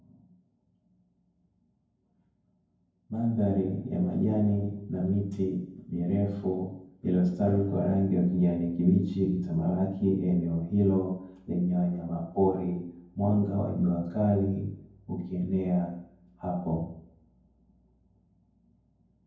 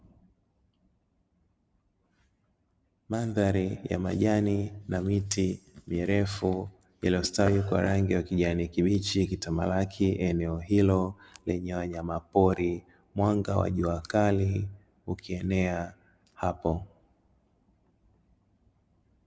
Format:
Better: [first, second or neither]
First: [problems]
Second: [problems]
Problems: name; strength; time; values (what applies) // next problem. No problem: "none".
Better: second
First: room echo; dies away in 0.9 s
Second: none